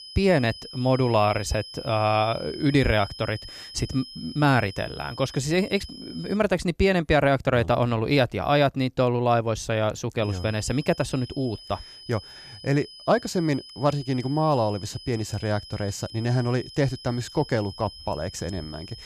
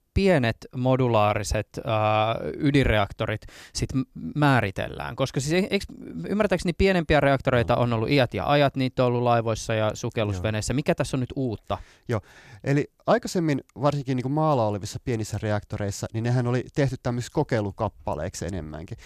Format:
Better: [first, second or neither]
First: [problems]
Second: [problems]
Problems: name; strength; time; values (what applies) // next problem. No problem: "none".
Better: second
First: high-pitched whine; noticeable; until 6.5 s and from 10 s on; 5 kHz, 15 dB below the speech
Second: none